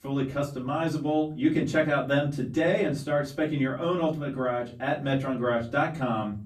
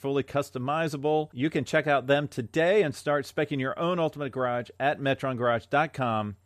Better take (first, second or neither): second